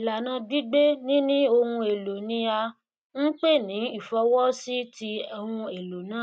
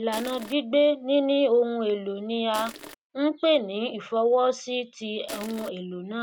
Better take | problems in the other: first | background sound (Crushing); 14 dB below the speech

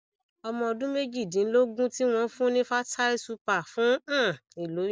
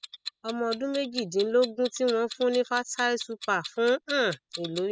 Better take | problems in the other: first | noise reduction (classical method spectral subtraction)

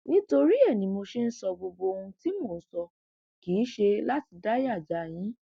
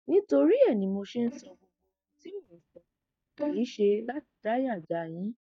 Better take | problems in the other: first | noise reduction (neural mask model DeepFilterNet 3)

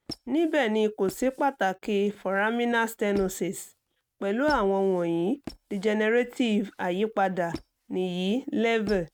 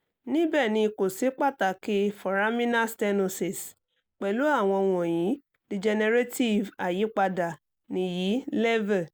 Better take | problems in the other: second | noise reduction (neural mask model RNNoise)

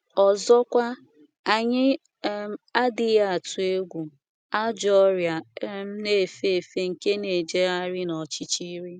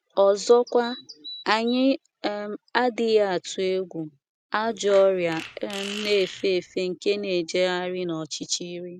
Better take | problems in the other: first | background sound (Bird vocalization, bird call, bird song + Fart); 15 dB below the speech

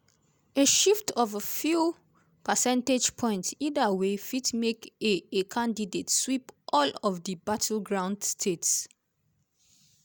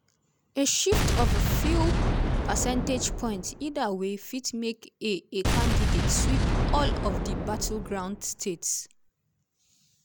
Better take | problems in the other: first | background sound (Boom); 5 dB above the speech

